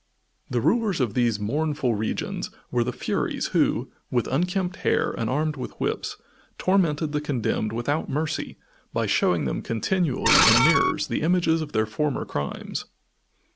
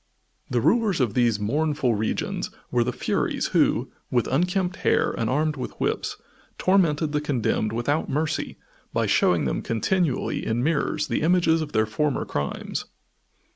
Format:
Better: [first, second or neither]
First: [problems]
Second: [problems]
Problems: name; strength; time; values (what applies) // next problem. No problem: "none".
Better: second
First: background sound (Screech); 2 dB above the speech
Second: none